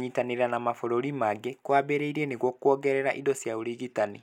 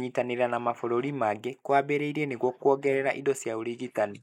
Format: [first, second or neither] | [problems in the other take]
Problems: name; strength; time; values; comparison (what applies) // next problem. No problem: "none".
first | noise reduction (neural mask model Resemble Enhance denoiser)